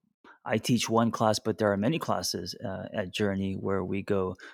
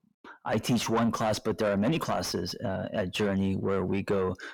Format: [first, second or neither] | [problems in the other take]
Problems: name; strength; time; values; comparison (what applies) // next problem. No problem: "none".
first | distortion; heavy; 7 dB below the speech